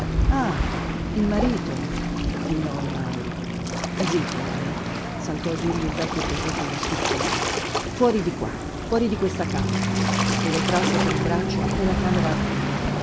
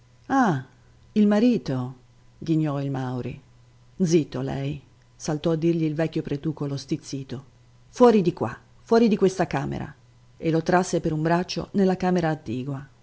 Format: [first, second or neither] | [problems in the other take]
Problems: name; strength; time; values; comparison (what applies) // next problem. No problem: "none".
second | background sound (Waves, surf); 3 dB above the speech